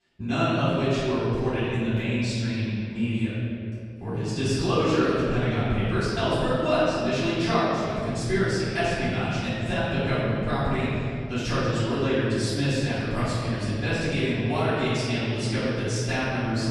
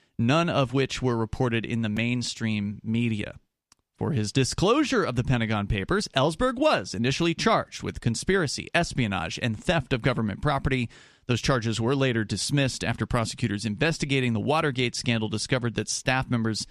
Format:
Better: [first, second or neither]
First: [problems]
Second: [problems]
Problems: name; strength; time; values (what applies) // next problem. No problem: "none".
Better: second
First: off-mic speech; far // room echo; strong; dies away in 2.4 s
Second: none